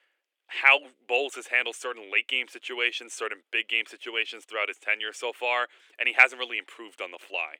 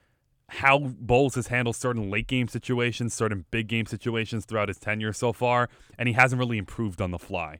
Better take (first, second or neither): second